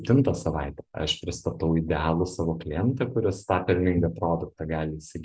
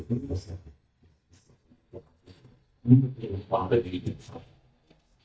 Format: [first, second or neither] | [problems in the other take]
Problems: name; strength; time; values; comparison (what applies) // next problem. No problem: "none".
first | noise reduction (neural mask model DeepFilterNet 3)